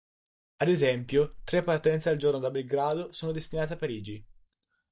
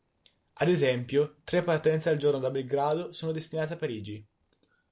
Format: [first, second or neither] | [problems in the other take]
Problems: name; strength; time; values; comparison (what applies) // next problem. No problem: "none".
second | noise reduction (neural mask model DeepFilterNet 3)